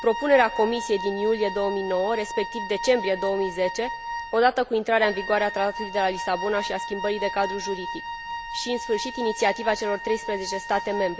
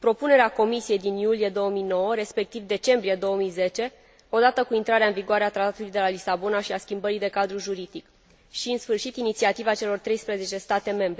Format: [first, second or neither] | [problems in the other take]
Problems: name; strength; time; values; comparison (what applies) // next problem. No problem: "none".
second | background sound (Wind instrument, woodwind instrument); 8 dB below the speech